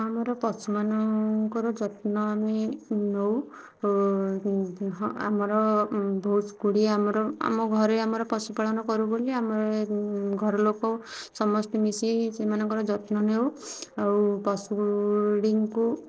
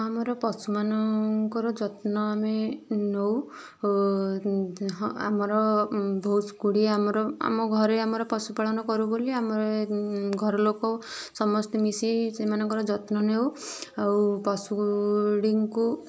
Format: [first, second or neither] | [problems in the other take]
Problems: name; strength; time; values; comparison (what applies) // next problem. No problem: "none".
second | noise reduction (neural separator model SepFormer DNS4)